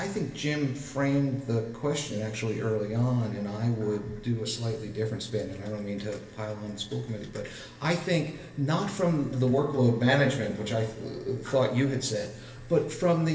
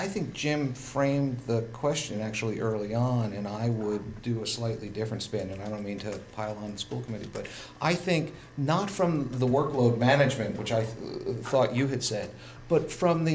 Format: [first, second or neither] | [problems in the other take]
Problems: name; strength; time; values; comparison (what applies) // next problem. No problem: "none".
second | room echo; dies away in 1.2 s